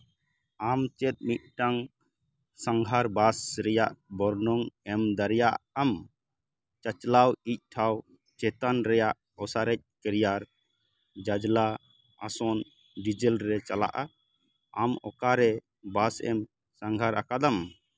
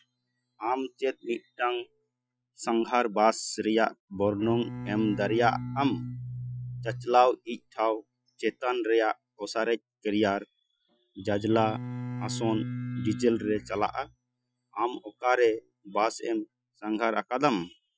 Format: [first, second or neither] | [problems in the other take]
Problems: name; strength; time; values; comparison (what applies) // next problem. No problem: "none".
first | noise reduction (classical method Wiener filter)